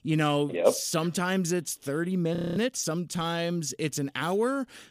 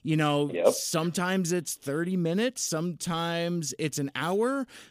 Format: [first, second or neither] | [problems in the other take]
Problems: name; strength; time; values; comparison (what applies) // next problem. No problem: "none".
second | audio freezing; at 2.5 s